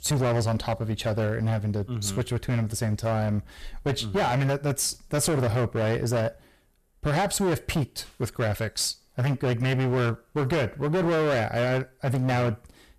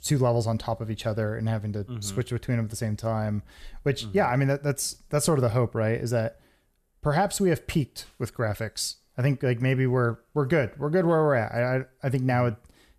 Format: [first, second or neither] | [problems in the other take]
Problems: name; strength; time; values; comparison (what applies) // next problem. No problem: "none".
second | distortion; heavy; 19% of the sound clipped